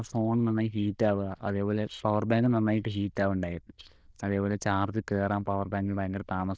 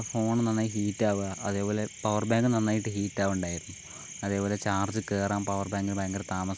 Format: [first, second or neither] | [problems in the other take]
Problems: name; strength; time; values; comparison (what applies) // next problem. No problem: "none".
second | noise reduction (neural diffusion model UNIVERSE++)